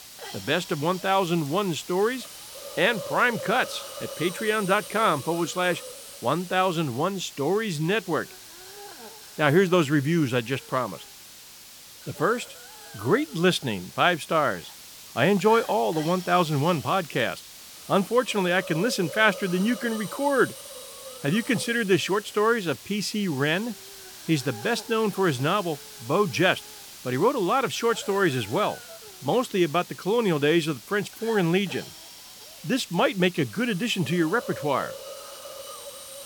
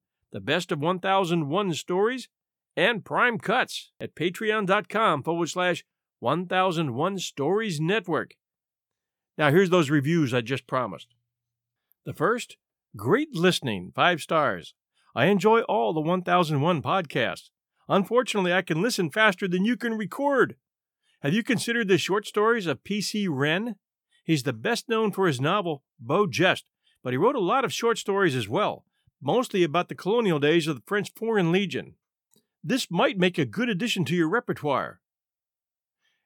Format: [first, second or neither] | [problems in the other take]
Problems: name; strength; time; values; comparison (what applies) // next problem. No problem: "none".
second | hiss; noticeable; throughout; 15 dB below the speech